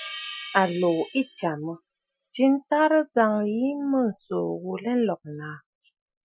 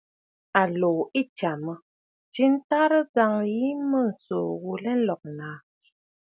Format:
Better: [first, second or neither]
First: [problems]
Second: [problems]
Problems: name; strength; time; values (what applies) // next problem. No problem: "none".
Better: second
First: noise reduction (classical method Wiener filter)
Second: none